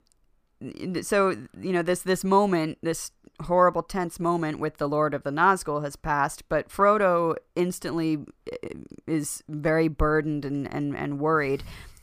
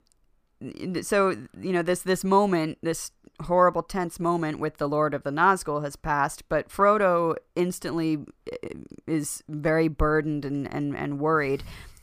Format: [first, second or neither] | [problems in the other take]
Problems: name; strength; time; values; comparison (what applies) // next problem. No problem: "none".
neither | none